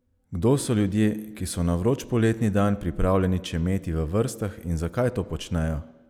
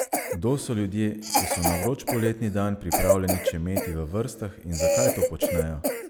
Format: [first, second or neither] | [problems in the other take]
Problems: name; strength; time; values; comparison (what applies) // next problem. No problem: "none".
first | background sound (Cough); as loud as the speech